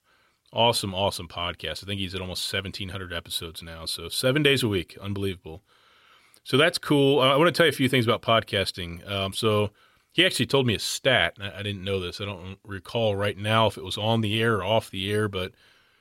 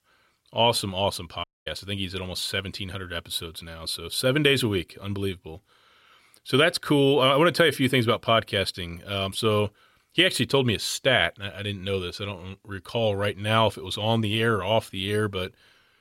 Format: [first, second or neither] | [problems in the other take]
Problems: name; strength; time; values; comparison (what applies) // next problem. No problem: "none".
first | audio cutting out; at 1.5 s